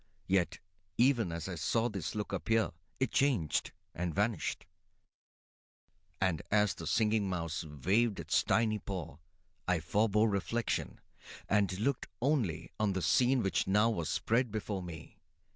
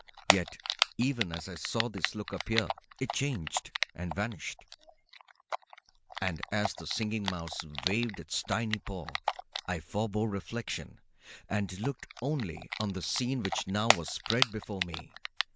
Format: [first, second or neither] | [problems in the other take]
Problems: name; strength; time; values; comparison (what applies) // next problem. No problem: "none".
first | background sound (Typing); 2 dB below the speech